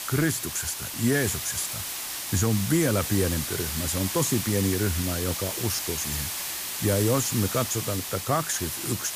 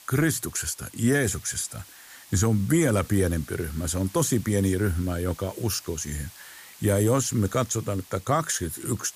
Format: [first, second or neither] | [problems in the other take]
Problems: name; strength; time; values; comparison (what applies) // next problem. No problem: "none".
second | hiss; loud; throughout; 3 dB below the speech; faint in the second